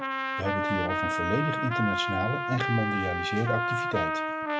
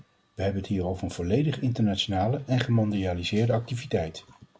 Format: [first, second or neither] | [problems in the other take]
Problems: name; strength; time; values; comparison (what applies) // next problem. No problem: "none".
second | background sound (Trumpet); 1 dB above the speech